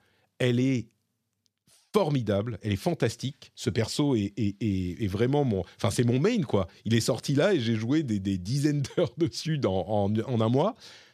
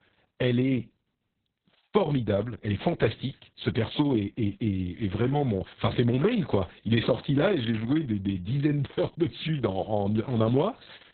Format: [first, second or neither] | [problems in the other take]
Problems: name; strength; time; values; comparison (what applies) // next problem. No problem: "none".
first | garbled, watery; badly; nothing above 4 kHz